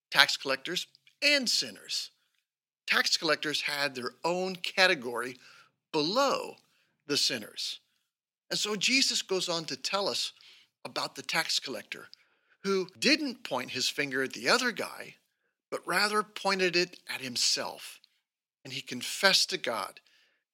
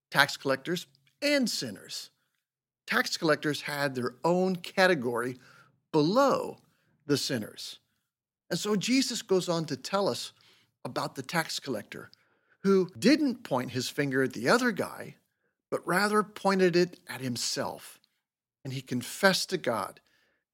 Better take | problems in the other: second | thin; very slightly; fading below 700 Hz

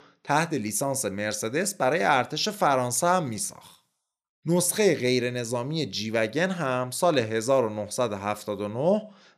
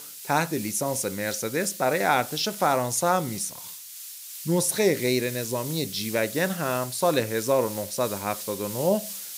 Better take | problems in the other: first | hiss; loud; throughout; 10 dB below the speech

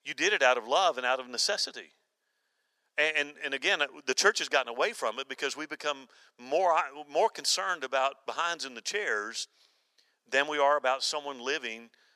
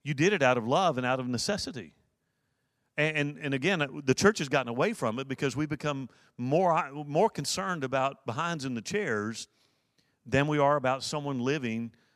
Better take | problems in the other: second | thin; very; fading below 450 Hz

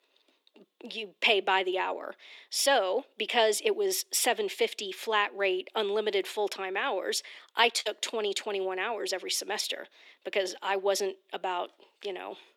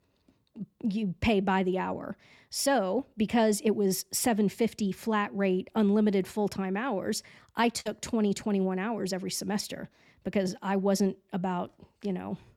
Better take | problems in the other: second | thin; very; fading below 350 Hz

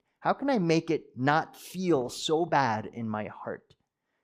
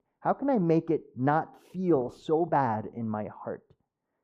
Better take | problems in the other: first | muffled; very; fading above 2 kHz

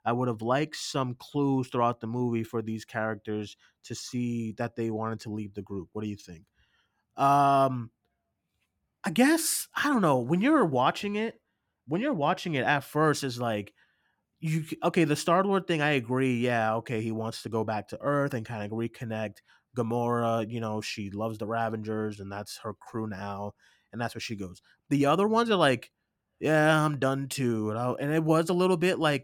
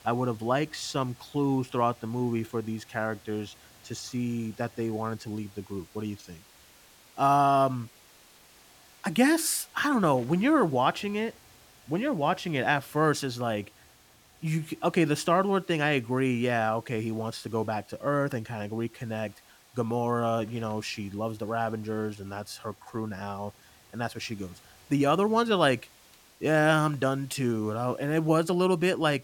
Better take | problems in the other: first | hiss; faint; throughout; 25 dB below the speech

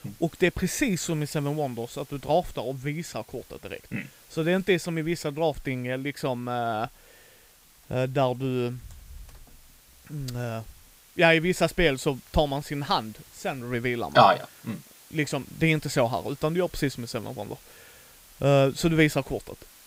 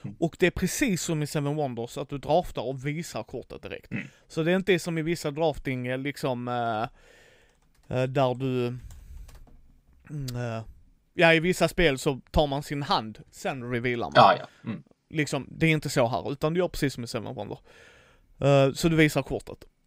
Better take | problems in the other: second | hiss; faint; throughout; 25 dB below the speech

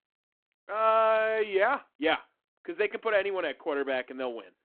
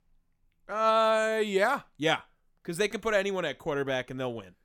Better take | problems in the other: second | phone-call audio

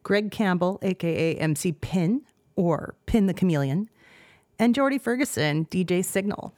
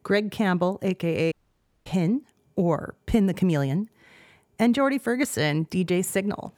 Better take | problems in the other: first | audio cutting out; at 1.5 s for 0.5 s

